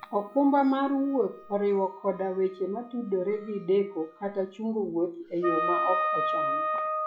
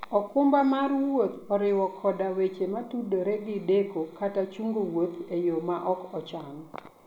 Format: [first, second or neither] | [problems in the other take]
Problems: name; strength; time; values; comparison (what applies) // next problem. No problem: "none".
second | noise reduction (classical method log-MMSE)